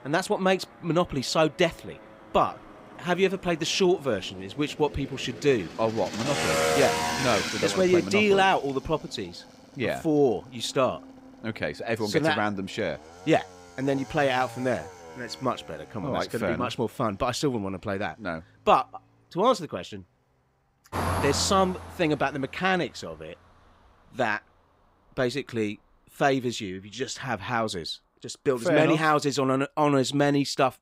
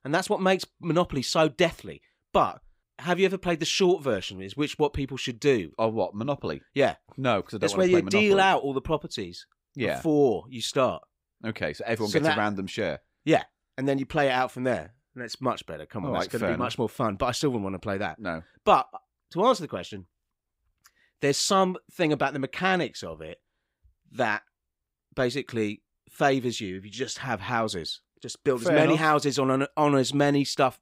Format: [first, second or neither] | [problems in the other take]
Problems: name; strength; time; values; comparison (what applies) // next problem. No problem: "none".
second | traffic noise; loud; throughout; 7 dB below the speech